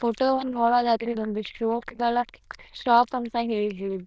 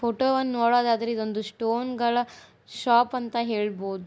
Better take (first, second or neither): second